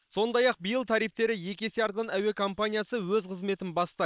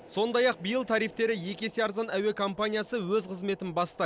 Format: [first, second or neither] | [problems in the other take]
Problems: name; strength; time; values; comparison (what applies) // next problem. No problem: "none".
second | noise reduction (neural separator model SepFormer WHAM!)